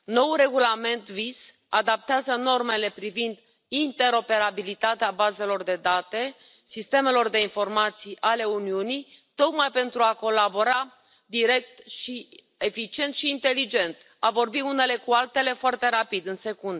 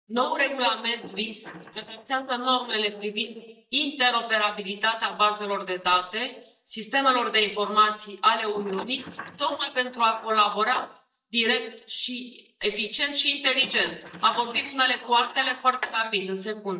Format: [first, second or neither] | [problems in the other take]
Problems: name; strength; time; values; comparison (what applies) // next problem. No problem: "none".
first | noise reduction (neural mask model DeepFilterNet 3)